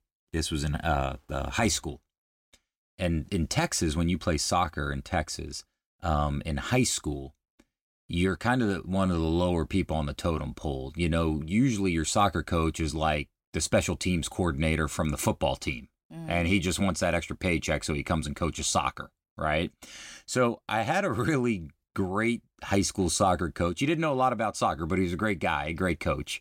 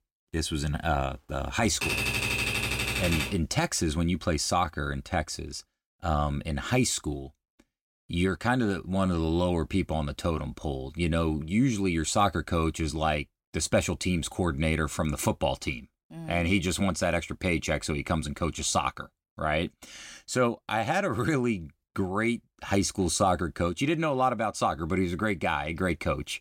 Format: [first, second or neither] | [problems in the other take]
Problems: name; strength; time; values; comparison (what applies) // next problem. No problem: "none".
first | keyboard typing; loud; from 2 to 3.5 s; peak 2 dB above the speech